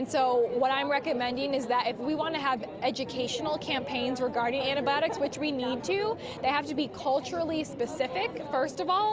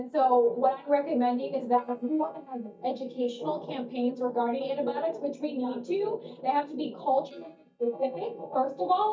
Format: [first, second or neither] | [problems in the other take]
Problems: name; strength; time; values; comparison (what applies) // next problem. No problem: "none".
first | noise reduction (neural mask model DeepFilterNet 3)